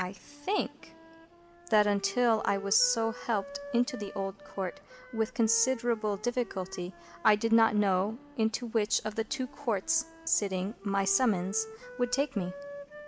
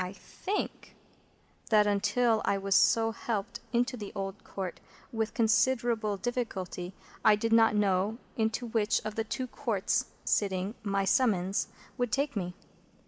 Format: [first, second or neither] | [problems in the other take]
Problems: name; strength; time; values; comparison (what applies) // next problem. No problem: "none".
second | background sound (Wind instrument, woodwind instrument); 18 dB below the speech